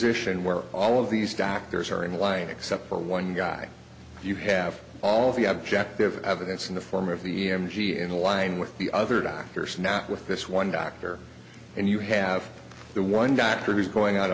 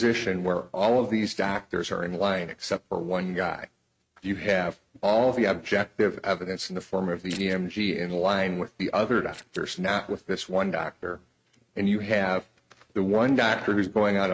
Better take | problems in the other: first | noise reduction (neural mask model RNNoise)

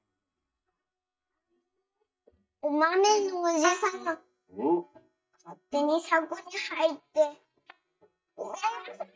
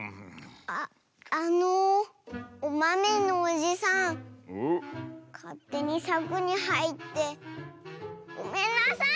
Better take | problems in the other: second | noise reduction (neural mask model DeepFilterNet 3)

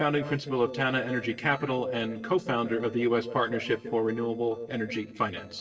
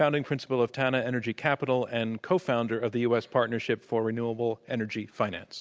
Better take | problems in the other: second | noise reduction (neural separator model SepFormer DNS4)

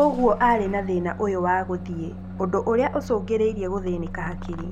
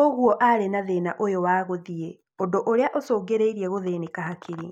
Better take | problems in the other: second | background sound (Engine starting / Bus + Organ); 10 dB below the speech

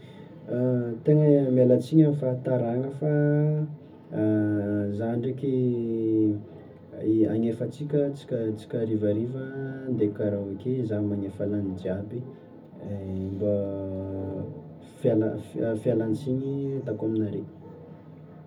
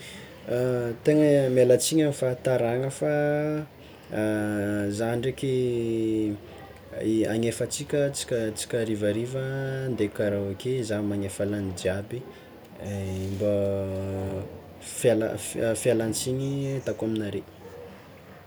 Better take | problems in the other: second | room echo; dies away in 0.4 s

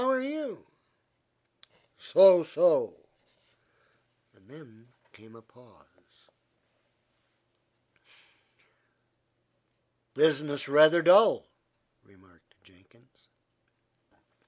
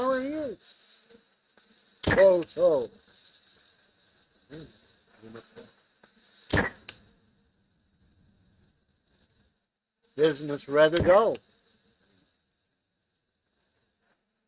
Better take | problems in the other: first | noise reduction (neural mask model RNNoise)

